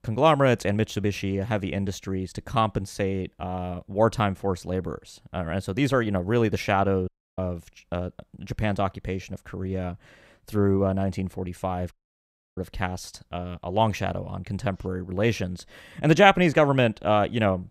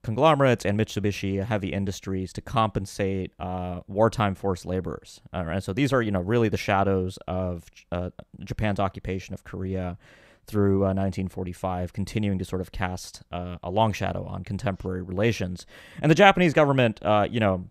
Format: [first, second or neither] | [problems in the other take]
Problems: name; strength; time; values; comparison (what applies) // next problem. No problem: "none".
second | audio cutting out; at 7 s and at 12 s for 0.5 s